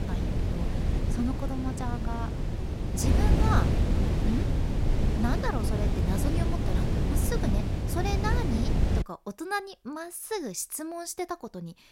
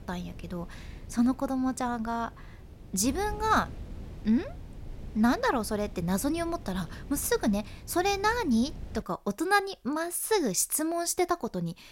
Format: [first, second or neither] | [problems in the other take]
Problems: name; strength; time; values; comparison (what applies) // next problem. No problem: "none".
second | wind noise on the microphone; heavy; until 9 s; 1 dB below the speech; occasional gusts in the second